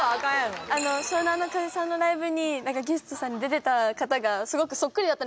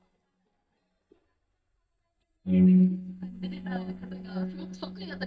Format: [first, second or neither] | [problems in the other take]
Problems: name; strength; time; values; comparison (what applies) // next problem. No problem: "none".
first | noise reduction (neural mask model DeepFilterNet 3)